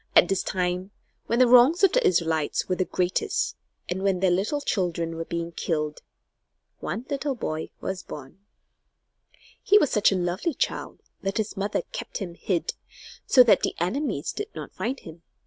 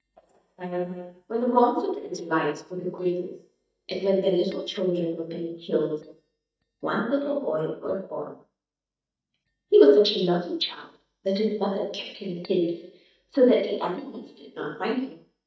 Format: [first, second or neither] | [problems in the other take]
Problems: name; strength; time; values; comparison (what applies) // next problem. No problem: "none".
first | noise reduction (neural mask model DeepFilterNet 3)